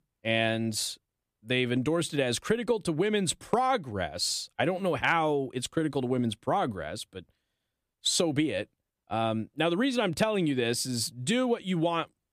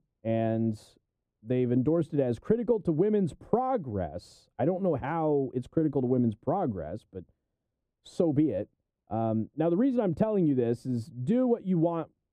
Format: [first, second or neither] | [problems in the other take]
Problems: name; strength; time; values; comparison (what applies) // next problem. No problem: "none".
first | muffled; very; fading above 1.5 kHz